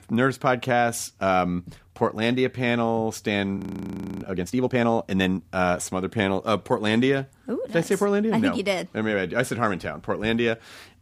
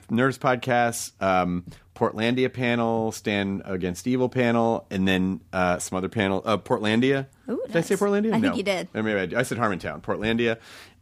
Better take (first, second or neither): second